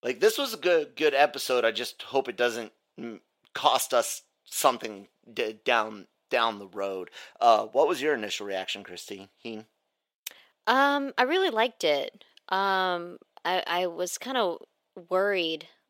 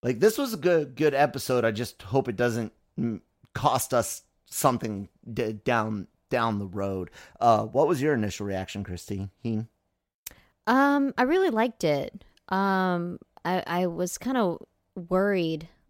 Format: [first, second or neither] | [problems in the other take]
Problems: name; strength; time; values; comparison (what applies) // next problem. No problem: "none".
second | thin; somewhat; fading below 450 Hz